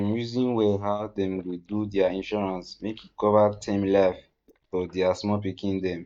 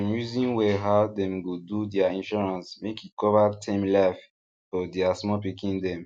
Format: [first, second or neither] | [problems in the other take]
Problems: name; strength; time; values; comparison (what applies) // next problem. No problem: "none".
second | noise reduction (neural mask model DeepFilterNet 3)